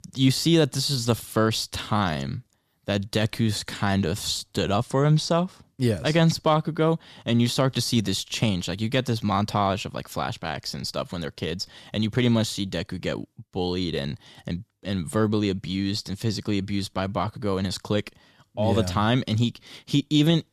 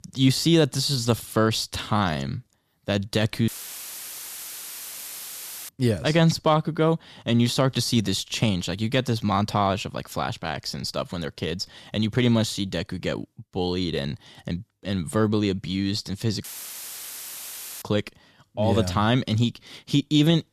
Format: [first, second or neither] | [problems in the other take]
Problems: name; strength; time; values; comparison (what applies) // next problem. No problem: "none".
first | audio cutting out; filled with static; at 3.5 s for 2 s and at 16 s for 1.5 s